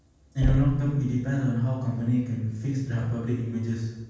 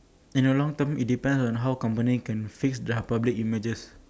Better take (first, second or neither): second